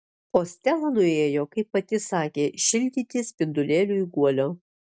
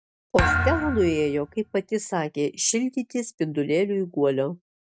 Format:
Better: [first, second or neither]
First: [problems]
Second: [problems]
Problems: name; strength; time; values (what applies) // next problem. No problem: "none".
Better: first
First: none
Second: background sound (Thump, thud); 2 dB below the speech